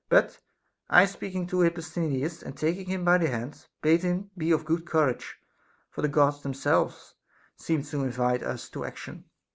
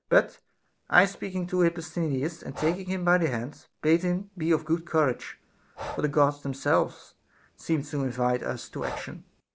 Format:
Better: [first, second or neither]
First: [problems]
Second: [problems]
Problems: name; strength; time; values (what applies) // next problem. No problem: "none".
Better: first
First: none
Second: background sound (Breathing); 18 dB below the speech